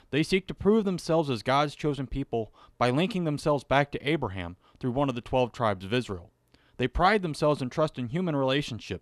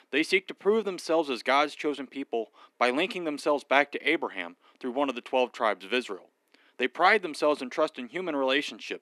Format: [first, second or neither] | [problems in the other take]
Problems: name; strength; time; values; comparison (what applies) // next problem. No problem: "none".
first | thin; very slightly; fading below 250 Hz